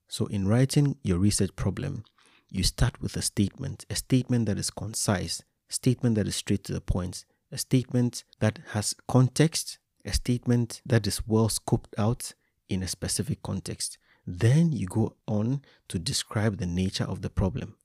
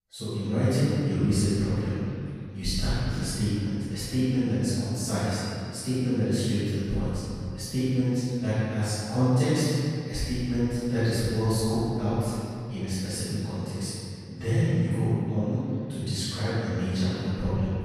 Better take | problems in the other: first | off-mic speech; far // room echo; strong; dies away in 2.3 s

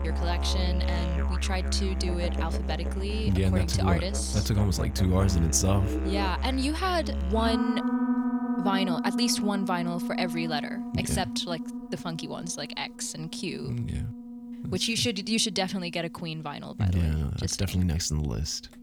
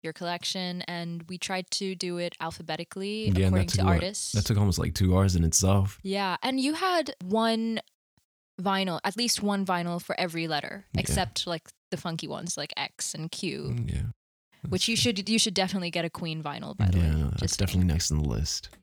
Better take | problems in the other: second | background music; loud; throughout; 2 dB below the speech

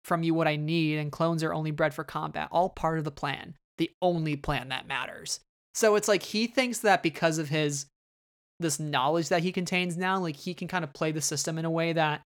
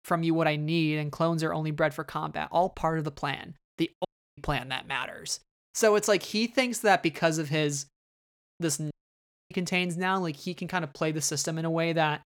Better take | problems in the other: first | audio cutting out; at 4 s and at 9 s for 0.5 s

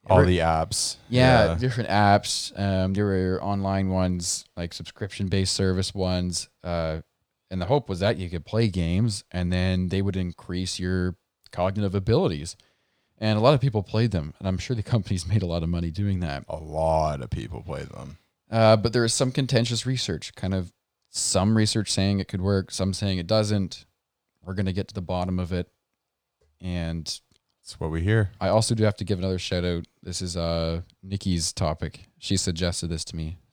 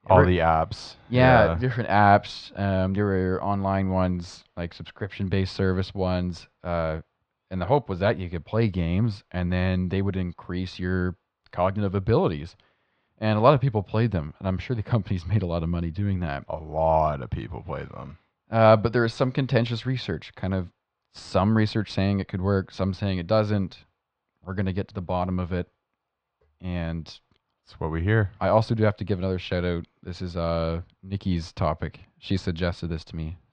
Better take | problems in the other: first | muffled; slightly; fading above 3 kHz

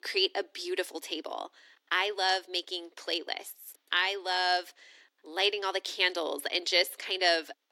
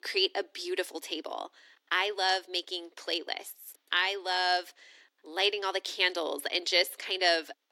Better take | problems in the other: neither | thin; very; fading below 300 Hz; the same in both

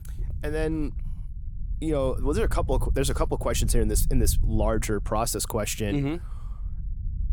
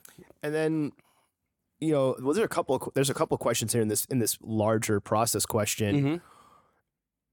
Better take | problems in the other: second | low rumble; faint; throughout; 20 dB below the speech

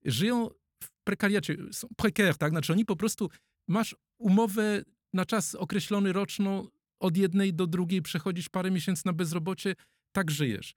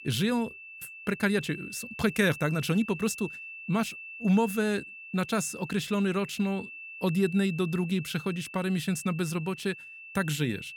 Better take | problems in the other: first | high-pitched whine; noticeable; throughout; 2.5 kHz, 10 dB below the speech

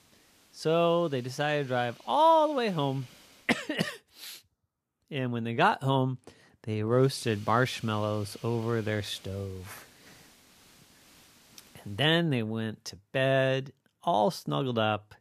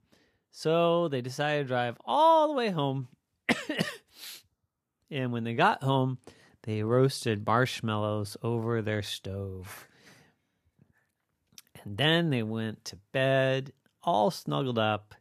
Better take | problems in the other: second | hiss; faint; until 3.5 s and from 7 to 12 s; 25 dB below the speech

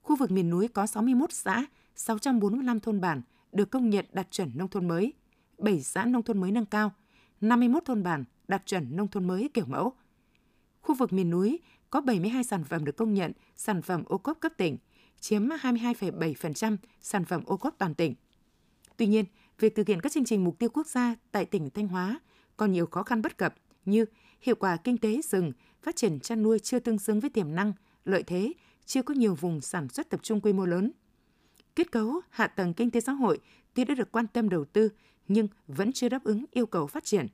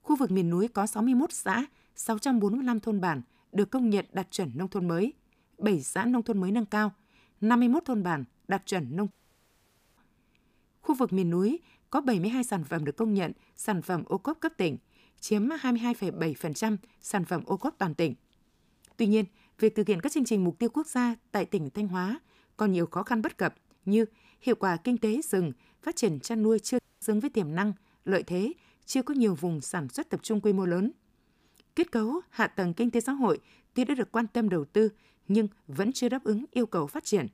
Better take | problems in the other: first | audio cutting out; at 9 s for 1 s and at 27 s

